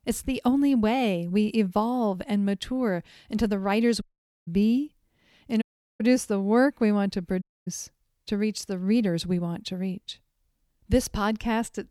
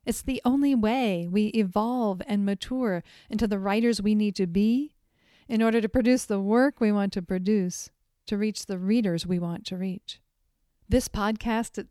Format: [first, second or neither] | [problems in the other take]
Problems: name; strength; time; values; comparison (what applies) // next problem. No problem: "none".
second | audio cutting out; at 4 s, at 5.5 s and at 7.5 s